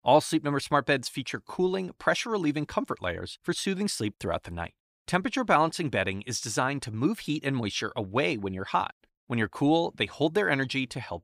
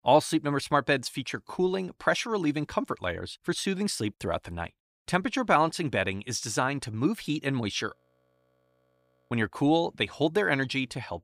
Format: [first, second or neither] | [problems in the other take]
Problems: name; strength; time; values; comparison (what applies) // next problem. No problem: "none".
first | audio freezing; at 8 s for 1.5 s